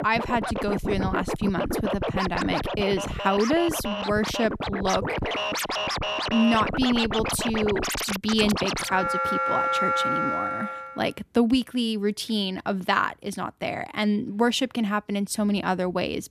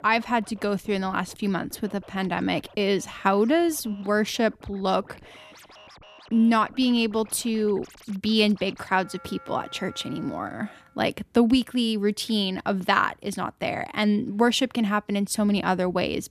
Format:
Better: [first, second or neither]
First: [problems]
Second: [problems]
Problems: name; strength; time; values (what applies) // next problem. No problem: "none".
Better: second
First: background music; loud; until 11 s; 2 dB below the speech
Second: background music; faint; until 11 s; 25 dB below the speech